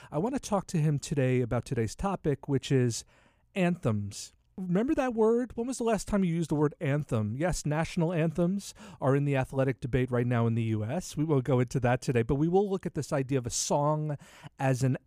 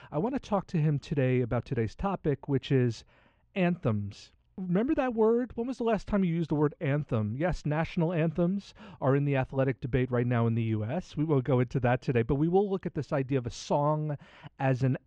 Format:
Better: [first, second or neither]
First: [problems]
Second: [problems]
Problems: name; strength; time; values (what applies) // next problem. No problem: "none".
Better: first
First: none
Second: muffled; slightly; fading above 4 kHz